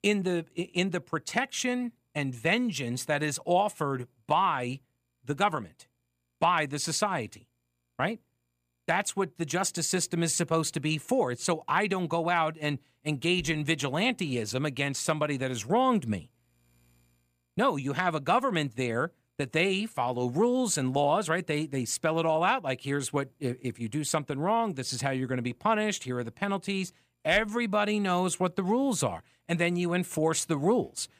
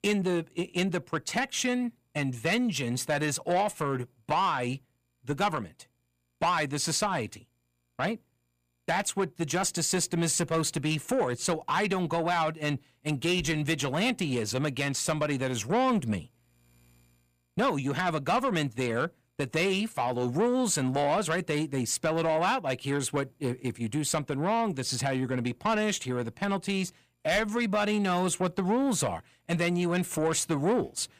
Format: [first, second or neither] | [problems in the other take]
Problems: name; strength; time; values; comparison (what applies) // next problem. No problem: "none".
first | distortion; slight; 10 dB below the speech